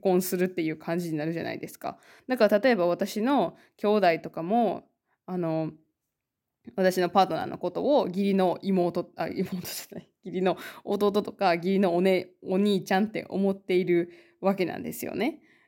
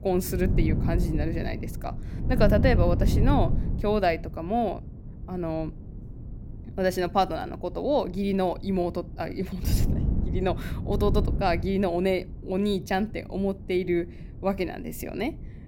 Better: first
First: none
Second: wind noise on the microphone; occasional gusts; 10 dB below the speech

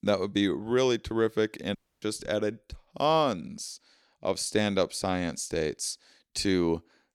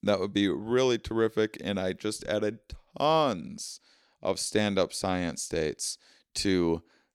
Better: second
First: audio cutting out; at 2 s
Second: none

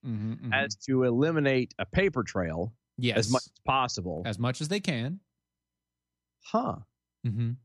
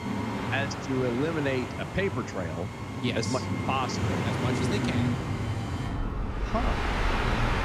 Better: first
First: none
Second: train or aircraft noise; very loud; throughout; 1 dB above the speech

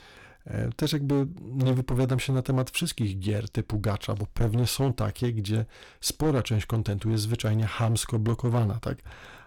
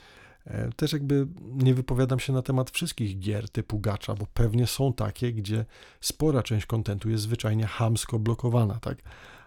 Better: second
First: distortion; slight; 8% of the sound clipped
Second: none

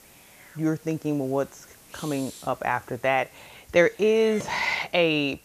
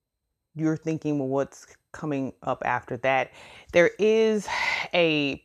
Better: second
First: hiss; faint; throughout; 20 dB below the speech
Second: none

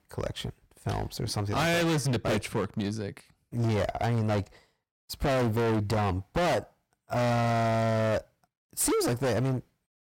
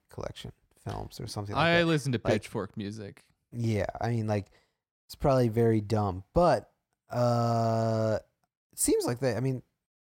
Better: second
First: distortion; heavy; 24% of the sound clipped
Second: none

